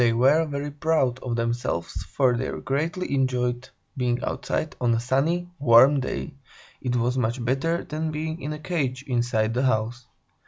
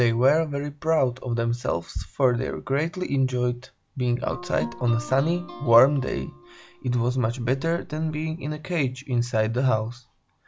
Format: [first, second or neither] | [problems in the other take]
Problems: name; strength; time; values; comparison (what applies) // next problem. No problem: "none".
first | background sound (Guitar); 16 dB below the speech